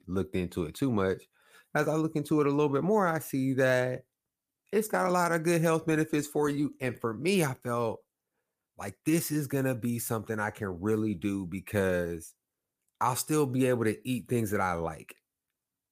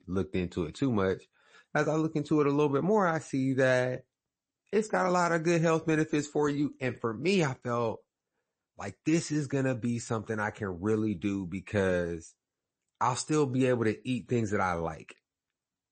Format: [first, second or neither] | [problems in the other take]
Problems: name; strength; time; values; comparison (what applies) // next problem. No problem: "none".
first | garbled, watery; slightly; nothing above 8 kHz